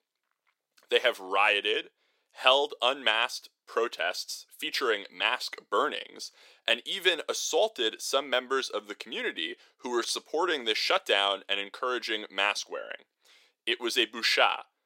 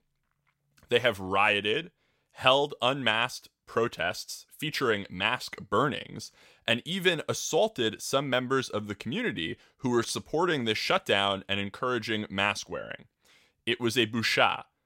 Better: second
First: thin; somewhat; fading below 350 Hz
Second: none

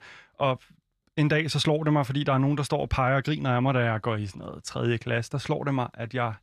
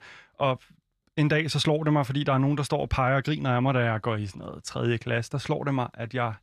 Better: neither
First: none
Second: none

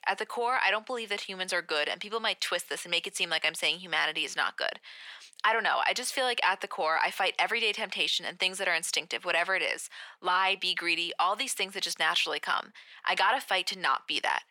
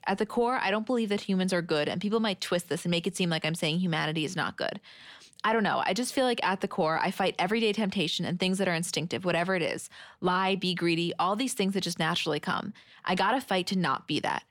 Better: second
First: thin; very; fading below 700 Hz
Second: none

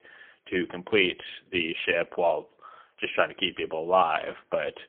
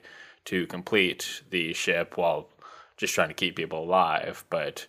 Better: second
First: phone-call audio; poor line; nothing above 3.5 kHz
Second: none

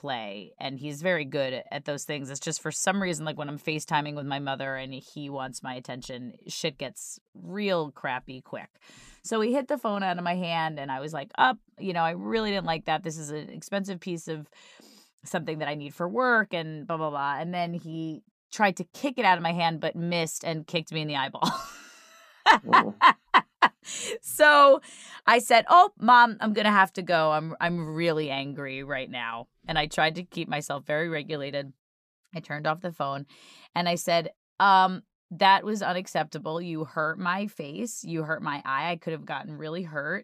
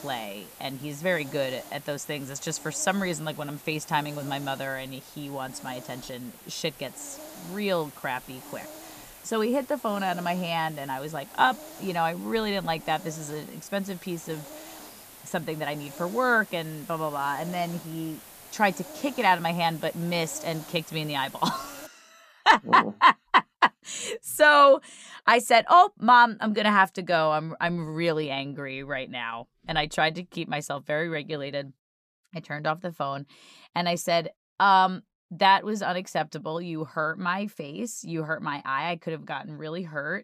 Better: first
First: none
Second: hiss; noticeable; until 22 s; 20 dB below the speech

